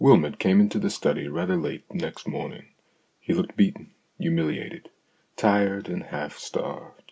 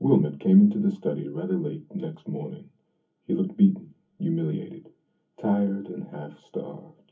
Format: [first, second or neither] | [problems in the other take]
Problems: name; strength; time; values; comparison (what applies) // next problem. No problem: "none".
first | room echo; dies away in 0.3 s